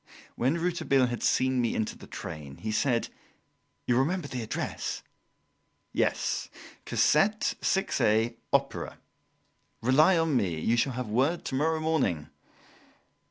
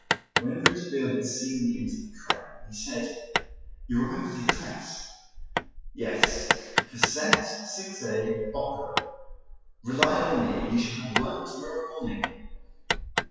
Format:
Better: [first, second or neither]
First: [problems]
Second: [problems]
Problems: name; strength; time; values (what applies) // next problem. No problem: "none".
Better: first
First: none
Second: noise reduction (classical method WPE with log-MMSE)